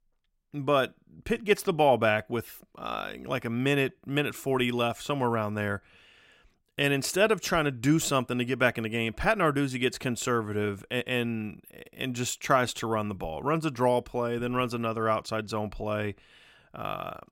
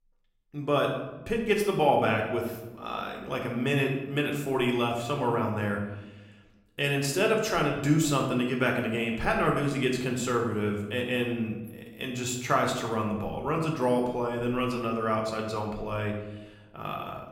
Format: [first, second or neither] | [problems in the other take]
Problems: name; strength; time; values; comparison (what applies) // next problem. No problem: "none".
first | room echo; noticeable; dies away in 0.8 s // off-mic speech; somewhat distant